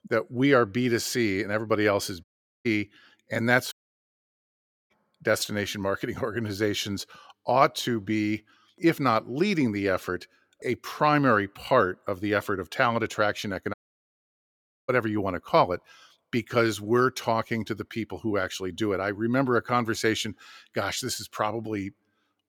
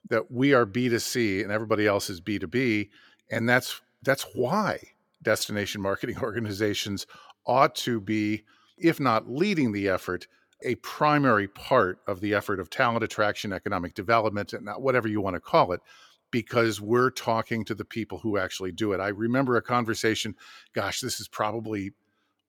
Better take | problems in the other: second | audio cutting out; at 2 s, at 3.5 s for 1 s and at 14 s for 1 s

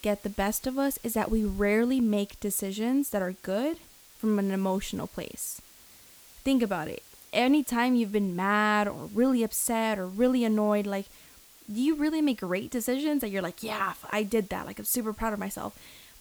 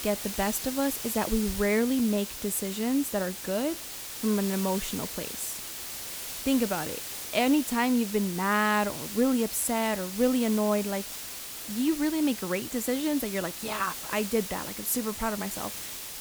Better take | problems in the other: first | hiss; loud; throughout; 6 dB below the speech; faint in the first

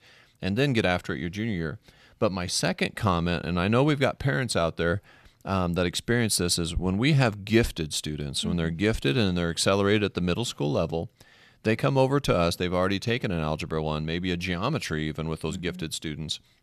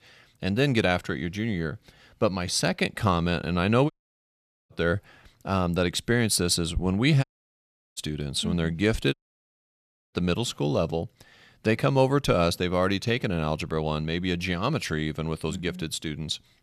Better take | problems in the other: first | audio cutting out; at 4 s for 1 s, at 7 s for 0.5 s and at 9 s for 1 s

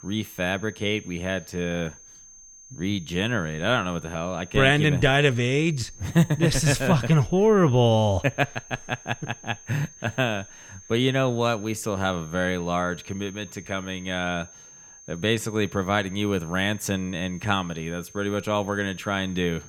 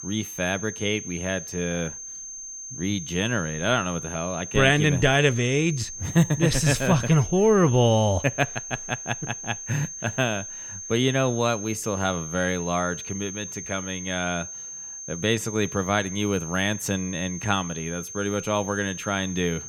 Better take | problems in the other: first | high-pitched whine; loud; throughout; 6.5 kHz, 9 dB below the speech; faint in the first

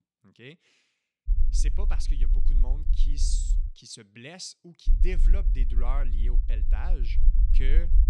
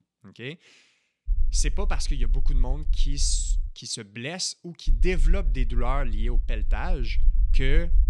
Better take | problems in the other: second | low rumble; loud; from 1.5 to 3.5 s and from 5 s on; 10 dB below the speech; faint in the second

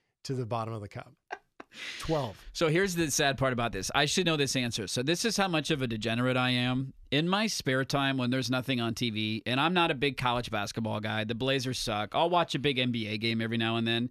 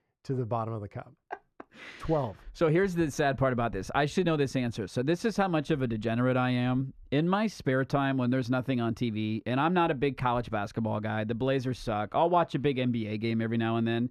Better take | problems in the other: first | muffled; slightly; fading above 2 kHz

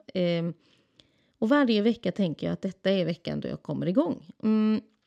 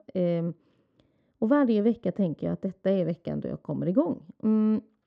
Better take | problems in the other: first | muffled; very; fading above 2 kHz

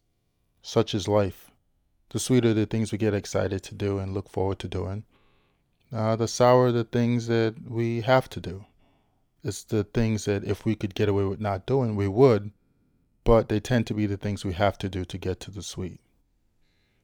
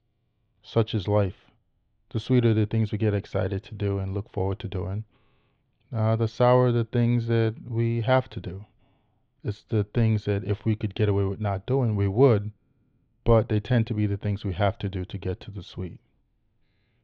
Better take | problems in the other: first | muffled; slightly; fading above 3.5 kHz

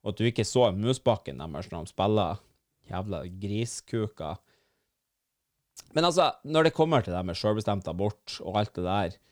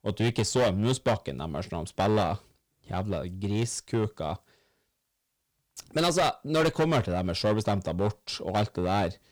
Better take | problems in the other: first | distortion; heavy; 8% of the sound clipped

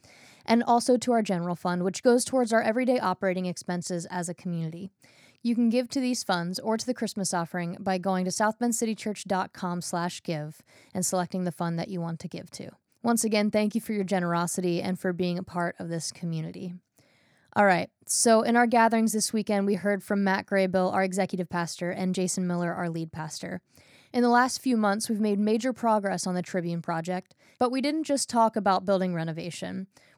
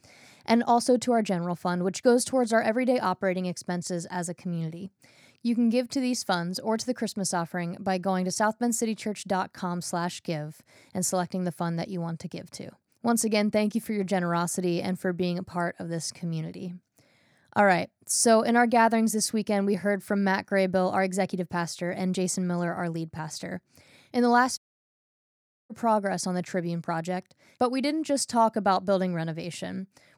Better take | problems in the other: first | audio cutting out; at 25 s for 1 s

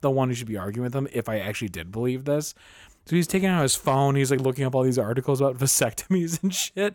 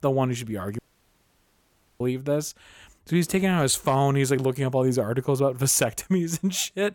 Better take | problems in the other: first | audio cutting out; at 1 s for 1 s

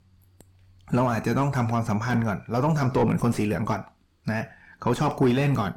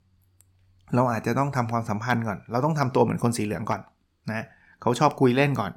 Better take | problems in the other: second | distortion; heavy; 6 dB below the speech

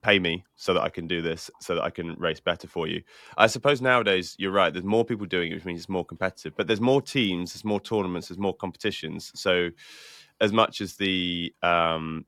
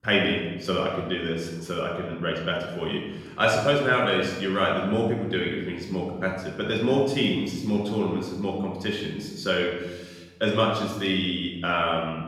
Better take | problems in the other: first | room echo; noticeable; dies away in 1.1 s // off-mic speech; somewhat distant

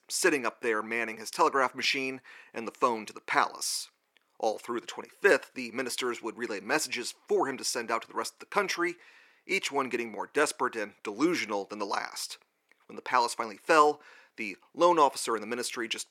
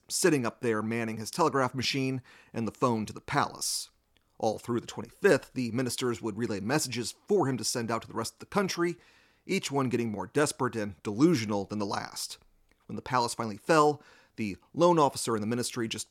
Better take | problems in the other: second | thin; somewhat; fading below 400 Hz

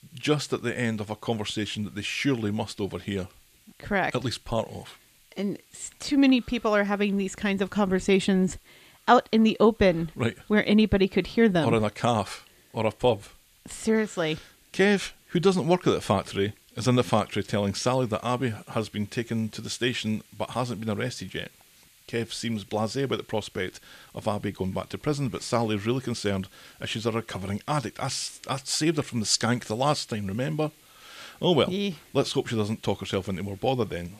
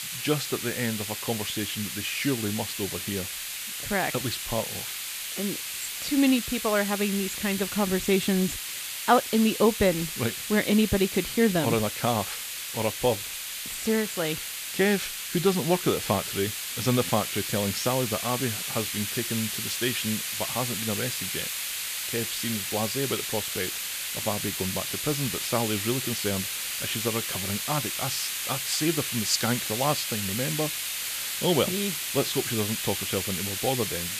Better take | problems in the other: first | hiss; loud; throughout; 2 dB below the speech; faint in the first

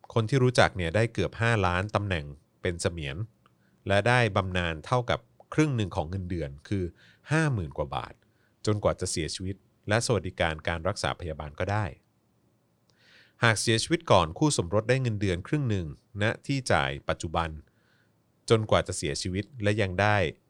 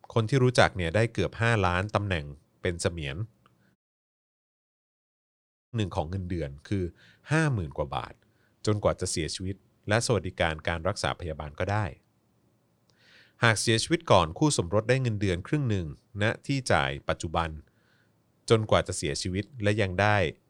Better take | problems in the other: first | audio cutting out; at 4 s for 2 s

